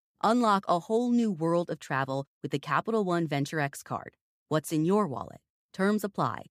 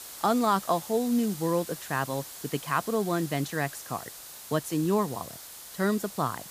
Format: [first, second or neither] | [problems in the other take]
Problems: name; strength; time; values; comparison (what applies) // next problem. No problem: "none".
first | hiss; noticeable; throughout; 10 dB below the speech